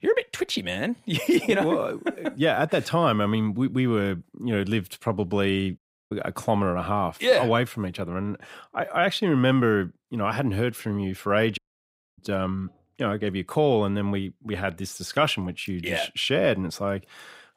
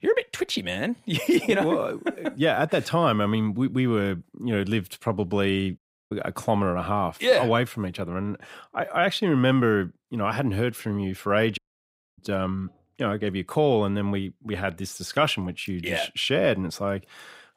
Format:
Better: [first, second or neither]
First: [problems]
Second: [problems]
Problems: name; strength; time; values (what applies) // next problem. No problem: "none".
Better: neither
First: audio cutting out; at 6 s and at 12 s for 0.5 s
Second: audio cutting out; at 6 s and at 12 s for 0.5 s